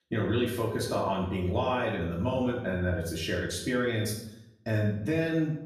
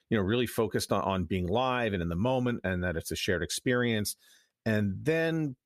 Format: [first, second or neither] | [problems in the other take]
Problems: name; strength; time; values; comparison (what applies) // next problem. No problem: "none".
second | off-mic speech; far // room echo; noticeable; dies away in 0.7 s